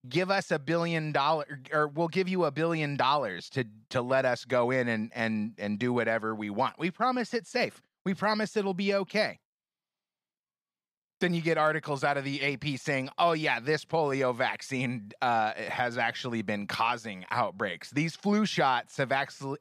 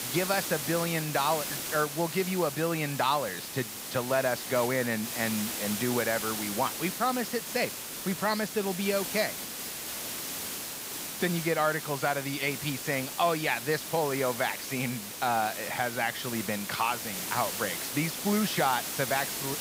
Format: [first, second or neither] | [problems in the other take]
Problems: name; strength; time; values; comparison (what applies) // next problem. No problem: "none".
first | hiss; loud; throughout; 4 dB below the speech